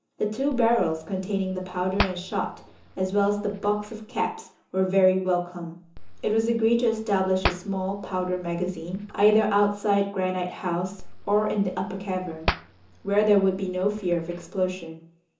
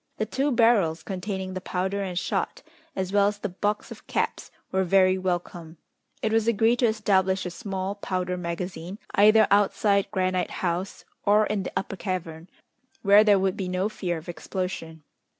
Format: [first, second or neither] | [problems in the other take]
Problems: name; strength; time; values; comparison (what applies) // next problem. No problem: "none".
second | background sound (Hands); 11 dB below the speech // room echo; dies away in 0.8 s